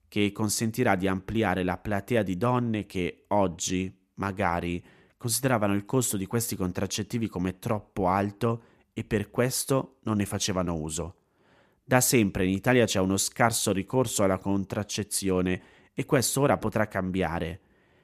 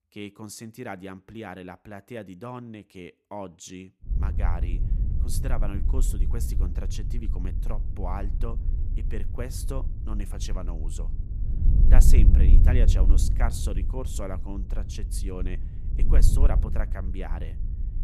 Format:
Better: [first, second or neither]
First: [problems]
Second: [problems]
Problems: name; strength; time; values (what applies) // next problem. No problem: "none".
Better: first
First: none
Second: wind noise on the microphone; heavy; from 4 s on; 6 dB below the speech